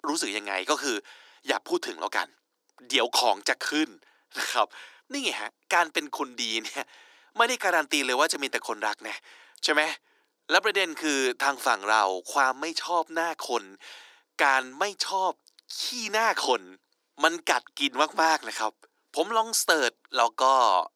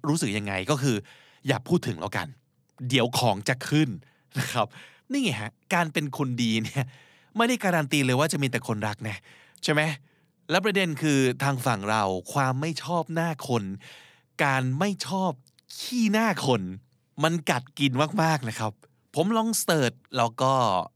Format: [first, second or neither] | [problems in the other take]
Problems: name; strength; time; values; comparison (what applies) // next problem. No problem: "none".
second | thin; very; fading below 300 Hz